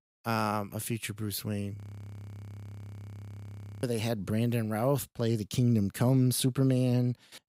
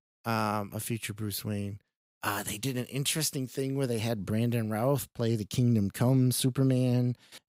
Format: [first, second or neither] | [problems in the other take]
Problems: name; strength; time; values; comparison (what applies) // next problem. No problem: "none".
second | audio freezing; at 2 s for 2 s